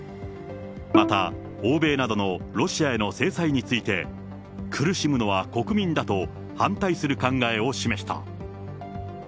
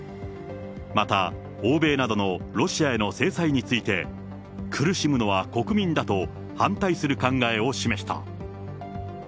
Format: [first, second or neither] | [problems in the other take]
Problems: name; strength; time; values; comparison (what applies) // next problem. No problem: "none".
second | background sound (Bowed string instrument); 3 dB below the speech